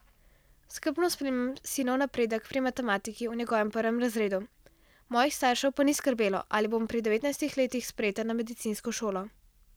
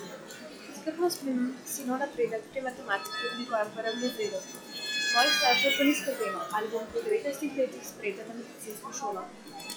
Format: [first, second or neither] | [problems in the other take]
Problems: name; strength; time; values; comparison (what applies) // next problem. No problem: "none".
first | noise reduction (classical method log-MMSE)